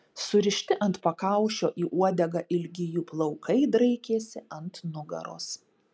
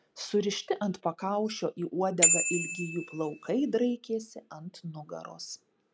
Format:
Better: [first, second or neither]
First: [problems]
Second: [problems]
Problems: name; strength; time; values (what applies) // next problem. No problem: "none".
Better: first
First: none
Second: background sound (Bicycle bell); 1 dB above the speech